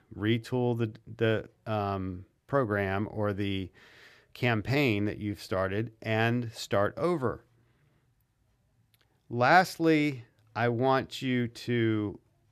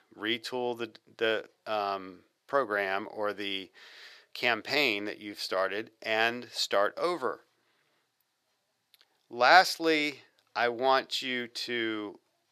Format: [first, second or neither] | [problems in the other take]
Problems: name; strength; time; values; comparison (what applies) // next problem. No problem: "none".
first | thin; somewhat; fading below 500 Hz